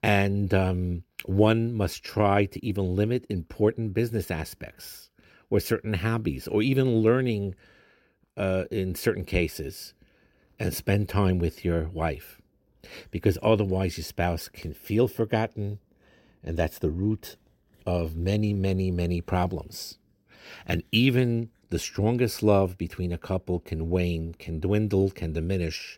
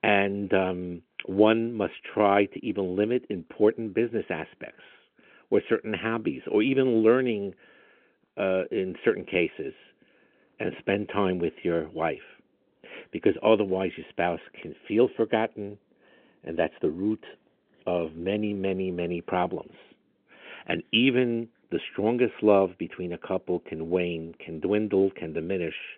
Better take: first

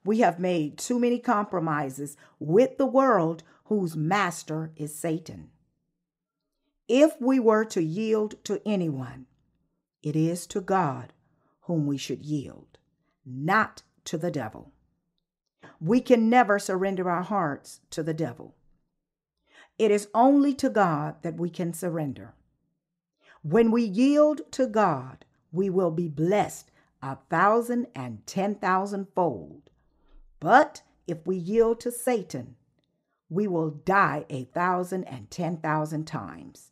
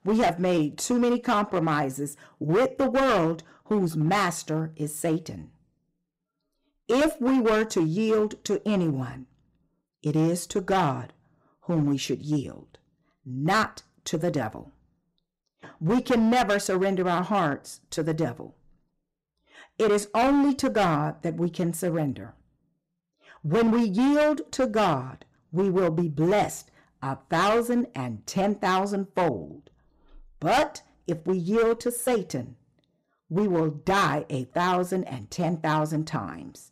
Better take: first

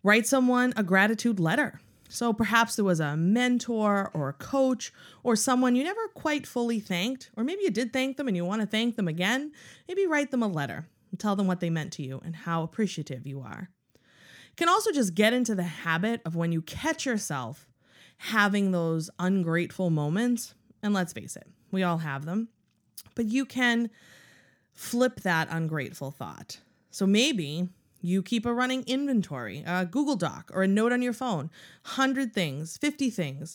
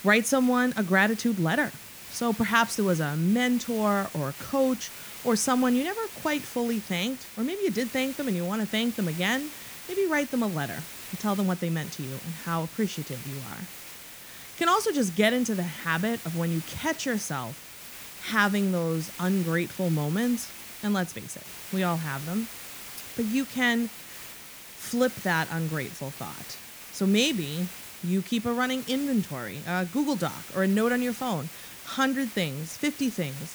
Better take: first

